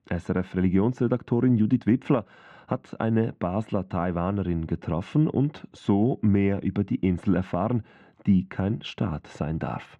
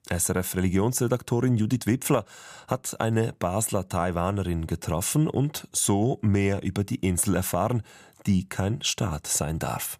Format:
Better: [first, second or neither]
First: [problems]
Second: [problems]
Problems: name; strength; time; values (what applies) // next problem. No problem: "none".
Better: second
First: muffled; very; fading above 3 kHz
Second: none